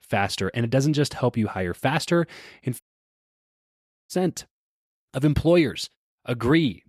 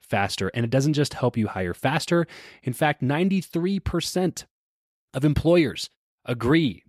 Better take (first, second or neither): second